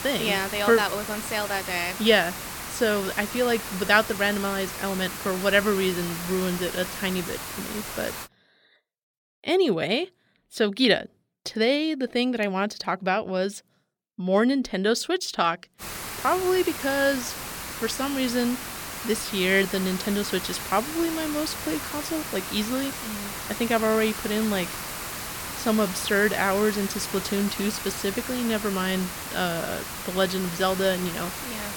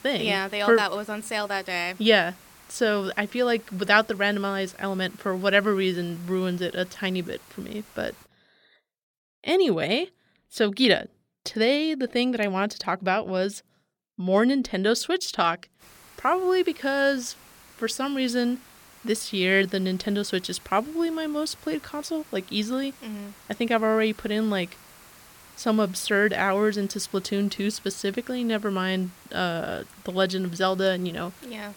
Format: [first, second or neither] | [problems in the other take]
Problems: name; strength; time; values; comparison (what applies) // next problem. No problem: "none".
second | hiss; loud; until 8.5 s and from 16 s on; 7 dB below the speech; faint in the second